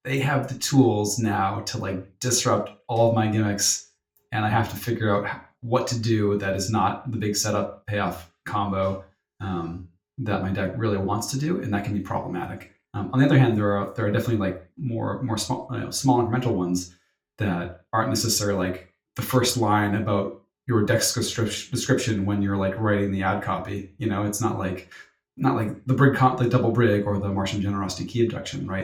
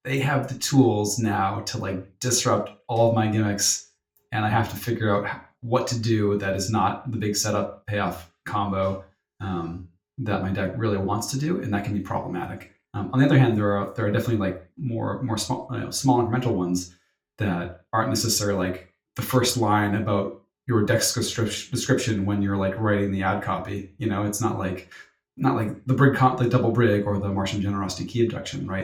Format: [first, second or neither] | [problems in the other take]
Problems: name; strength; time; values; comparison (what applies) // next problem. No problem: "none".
neither | room echo; slight; dies away in 0.3 s; the same in both // off-mic speech; far; the same in both